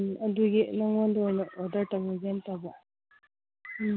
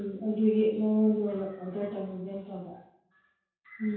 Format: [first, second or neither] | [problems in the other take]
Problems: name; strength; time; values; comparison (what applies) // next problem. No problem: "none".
first | room echo; dies away in 0.5 s